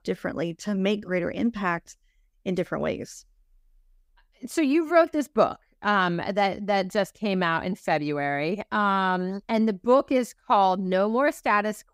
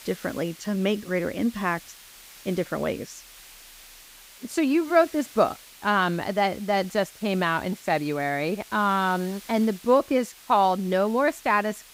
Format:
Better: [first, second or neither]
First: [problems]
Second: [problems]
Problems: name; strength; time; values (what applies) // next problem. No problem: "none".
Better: first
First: none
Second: hiss; faint; throughout; 20 dB below the speech